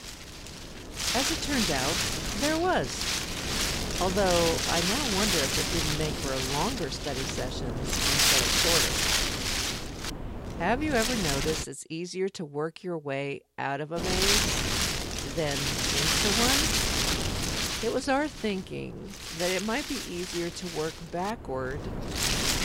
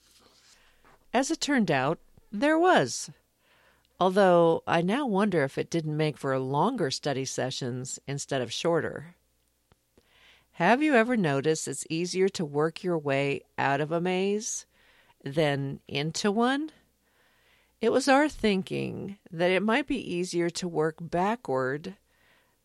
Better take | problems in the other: second | wind noise on the microphone; heavy; until 12 s and from 14 s on; 5 dB above the speech

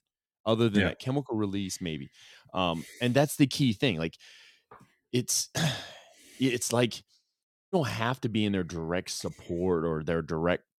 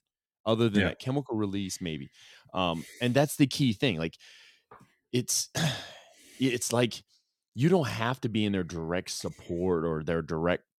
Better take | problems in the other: second | audio cutting out; at 7.5 s

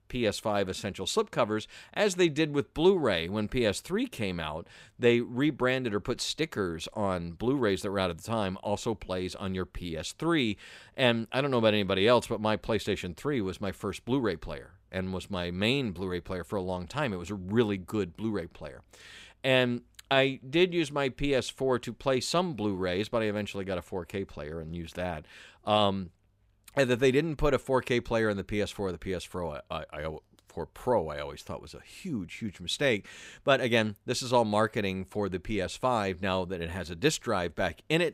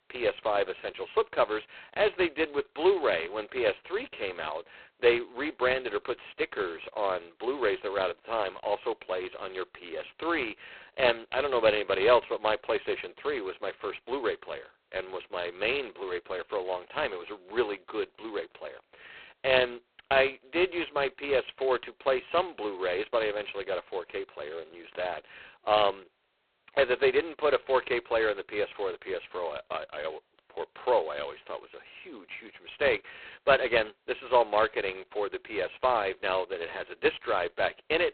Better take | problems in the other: first | phone-call audio; poor line; nothing above 4 kHz

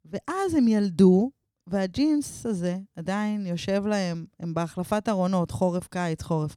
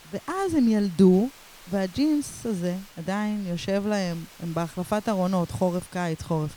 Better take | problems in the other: first | hiss; faint; throughout; 20 dB below the speech

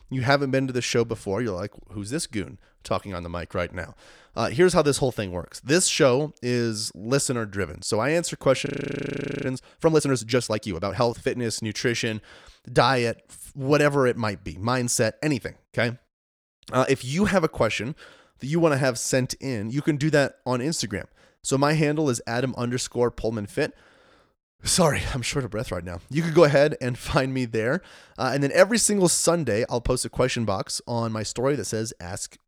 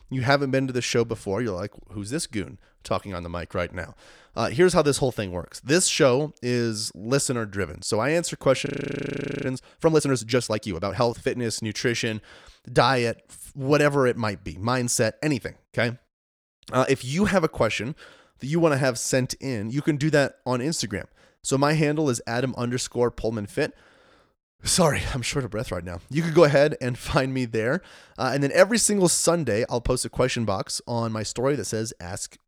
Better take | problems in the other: neither | audio freezing; at 8.5 s for 1 s; the same in both

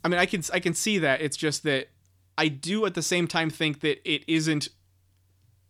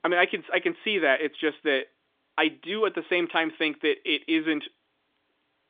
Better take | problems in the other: first | phone-call audio; nothing above 3.5 kHz

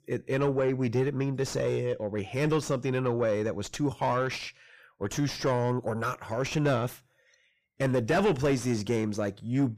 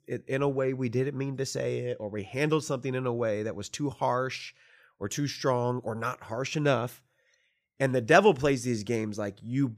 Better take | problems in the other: second | distortion; heavy; 6 dB below the speech

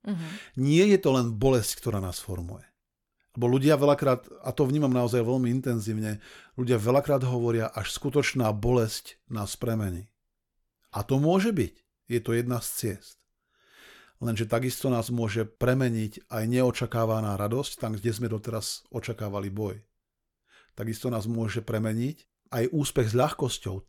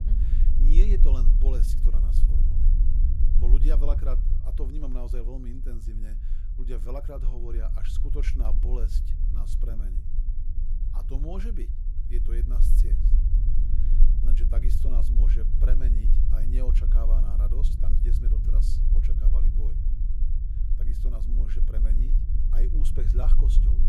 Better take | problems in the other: first | low rumble; loud; throughout; 4 dB below the speech

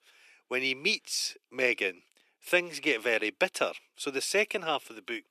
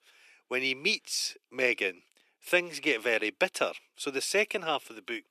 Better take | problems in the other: neither | thin; very; fading below 350 Hz; the same in both

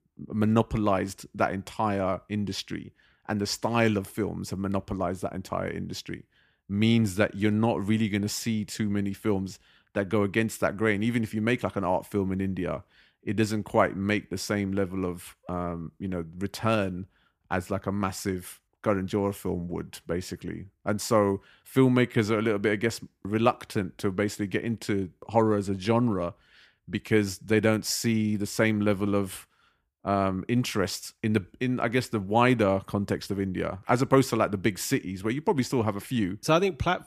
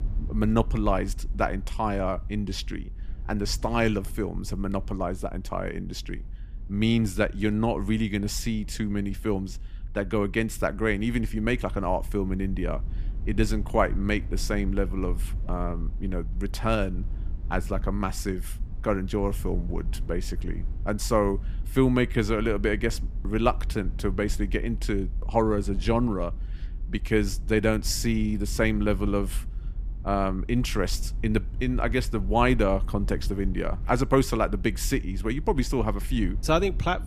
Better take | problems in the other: first | low rumble; faint; throughout; 25 dB below the speech

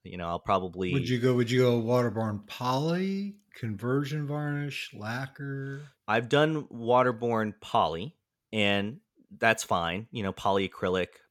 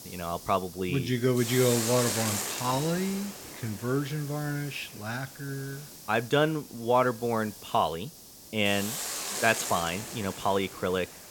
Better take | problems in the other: first | hiss; loud; throughout; 7 dB below the speech

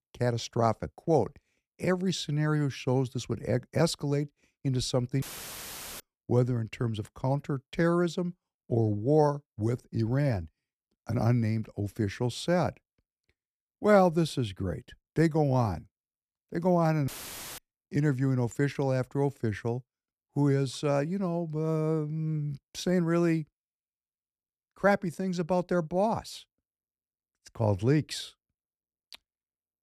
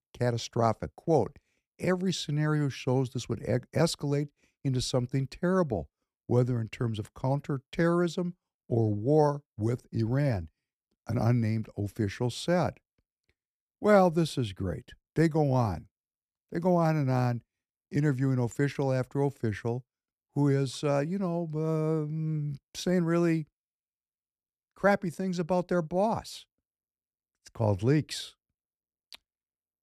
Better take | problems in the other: second | audio cutting out; filled with static; at 5 s for 1 s and at 17 s for 0.5 s

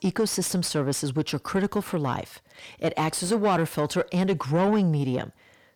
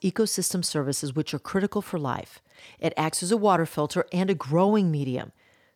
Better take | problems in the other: second | distortion; slight; 10 dB below the speech

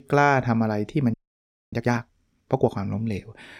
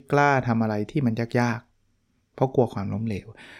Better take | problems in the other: second | audio freezing; at 1 s for 0.5 s

